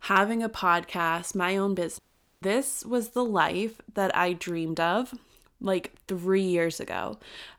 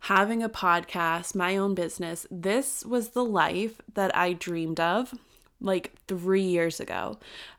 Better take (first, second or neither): second